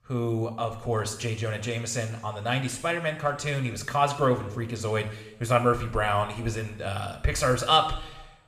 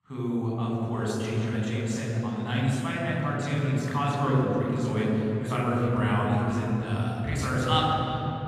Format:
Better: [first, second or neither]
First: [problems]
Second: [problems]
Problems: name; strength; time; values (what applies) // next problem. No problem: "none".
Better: first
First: room echo; slight; dies away in 0.9 s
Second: room echo; strong; dies away in 3 s // off-mic speech; far